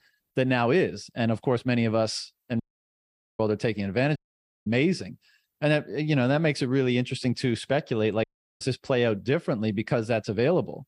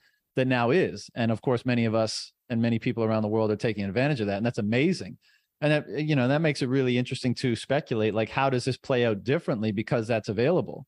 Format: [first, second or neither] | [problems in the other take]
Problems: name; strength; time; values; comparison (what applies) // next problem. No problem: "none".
second | audio cutting out; at 2.5 s for 1 s, at 4 s for 0.5 s and at 8 s